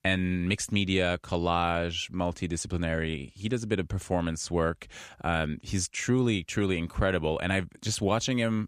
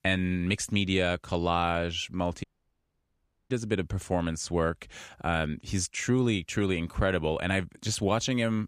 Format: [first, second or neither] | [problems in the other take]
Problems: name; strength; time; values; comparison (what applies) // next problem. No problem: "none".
first | audio cutting out; at 2.5 s for 1 s